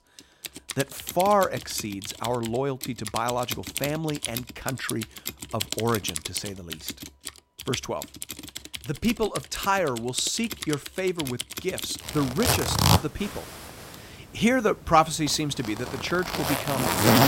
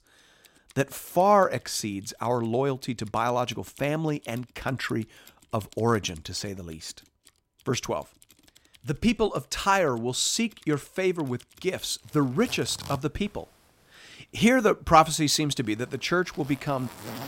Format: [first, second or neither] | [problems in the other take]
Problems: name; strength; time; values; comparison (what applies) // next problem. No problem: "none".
second | household noises; loud; throughout; 3 dB below the speech; faint in the second